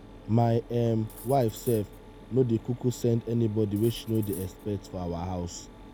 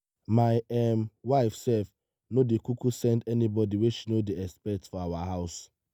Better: second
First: background sound (Mechanisms + Cutlery, silverware); 17 dB below the speech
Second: none

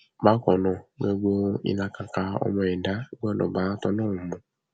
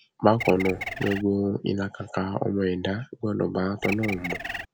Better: first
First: none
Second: background sound (Bird); 7 dB below the speech

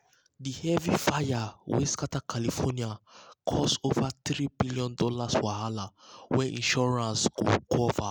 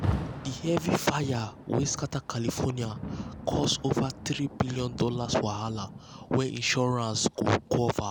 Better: first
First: none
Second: background sound (Rain); 10 dB below the speech

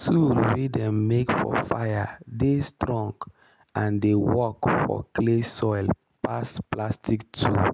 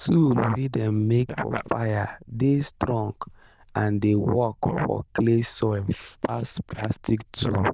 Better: first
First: none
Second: noise reduction (neural diffusion model UNIVERSE++)

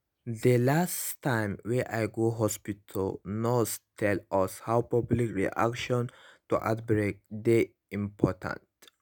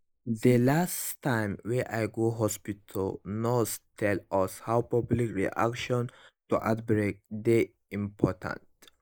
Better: first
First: none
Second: noise reduction (neural mask model Resemble Enhance denoiser)

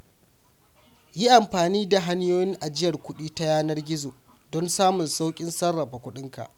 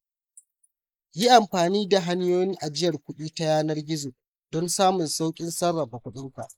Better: first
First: none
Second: noise reduction (neural mask model Resemble Enhance denoiser)

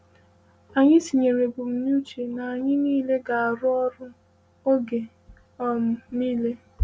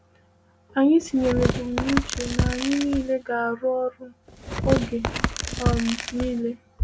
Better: first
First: none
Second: background sound (Tearing); 2 dB below the speech

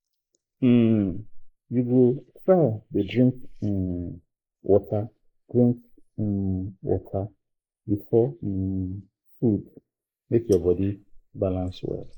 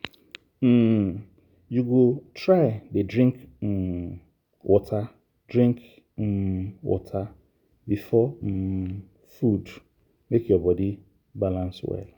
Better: second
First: noise reduction (neural mask model Resemble Enhance denoiser)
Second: none

